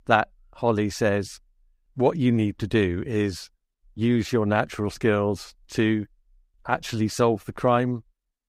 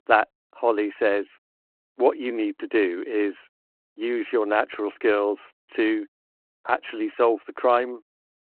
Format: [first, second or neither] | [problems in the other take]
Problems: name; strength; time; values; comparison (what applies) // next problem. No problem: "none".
first | phone-call audio